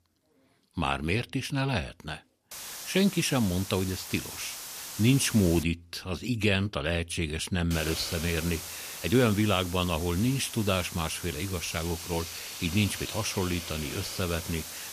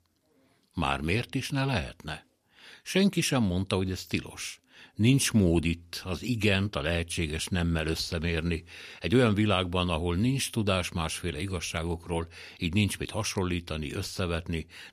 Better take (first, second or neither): second